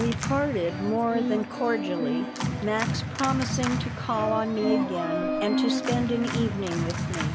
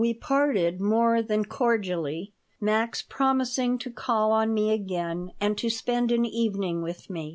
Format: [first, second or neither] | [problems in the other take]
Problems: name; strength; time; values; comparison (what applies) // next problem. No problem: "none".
second | background sound (Organ); as loud as the speech